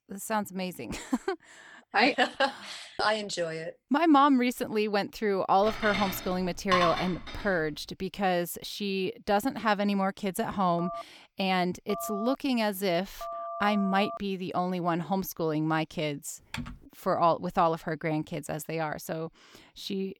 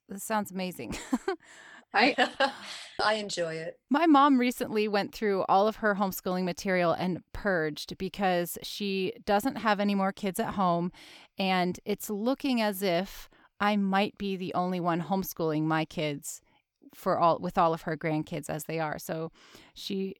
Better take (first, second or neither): second